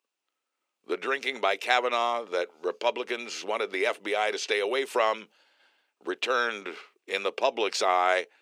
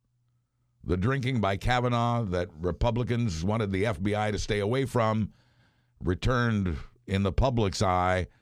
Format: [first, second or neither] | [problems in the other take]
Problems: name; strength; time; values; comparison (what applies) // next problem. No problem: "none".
second | thin; very; fading below 350 Hz